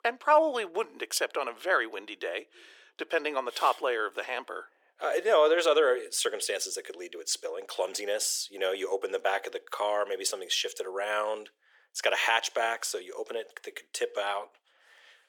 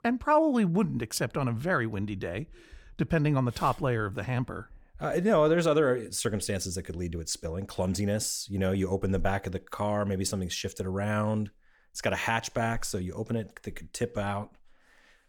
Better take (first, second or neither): second